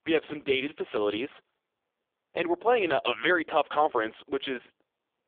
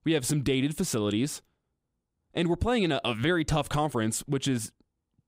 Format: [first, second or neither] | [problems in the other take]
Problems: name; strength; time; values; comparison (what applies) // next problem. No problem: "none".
second | phone-call audio; poor line; nothing above 3.5 kHz